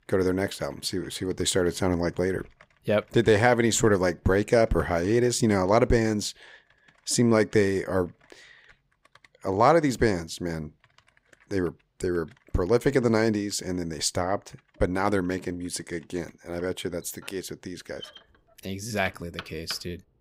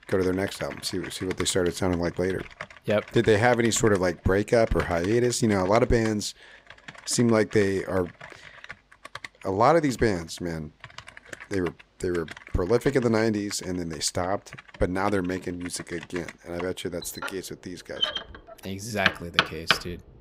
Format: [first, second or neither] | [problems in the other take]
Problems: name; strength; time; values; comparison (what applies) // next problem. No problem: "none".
first | household noises; loud; throughout; 9 dB below the speech; faint in the first